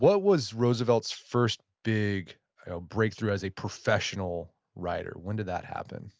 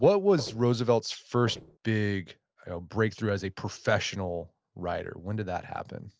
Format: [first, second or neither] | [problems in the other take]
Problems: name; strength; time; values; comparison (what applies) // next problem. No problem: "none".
first | noise reduction (neural separator model SepFormer DNS4)